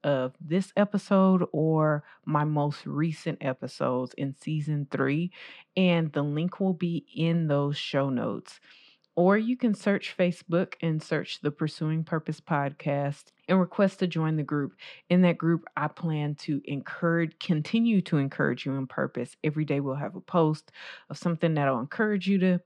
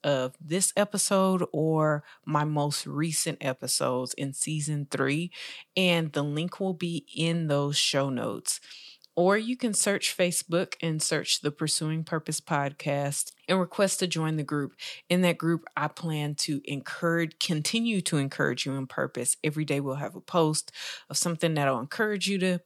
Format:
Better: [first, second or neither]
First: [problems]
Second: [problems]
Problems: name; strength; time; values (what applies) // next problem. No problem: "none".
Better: second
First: muffled; very; fading above 2 kHz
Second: none